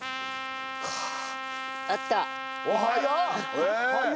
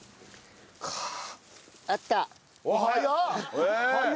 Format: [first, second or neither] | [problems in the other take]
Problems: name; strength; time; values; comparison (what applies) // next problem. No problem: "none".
second | background sound (Trumpet); 6 dB below the speech